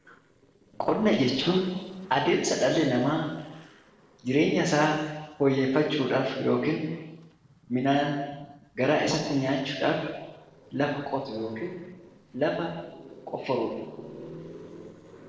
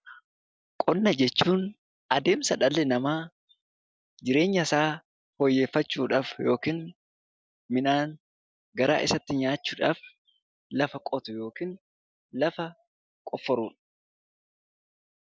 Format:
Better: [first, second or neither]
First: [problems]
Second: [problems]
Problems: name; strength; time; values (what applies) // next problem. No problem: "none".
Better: second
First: noise reduction (neural separator model SepFormer DNS4)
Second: none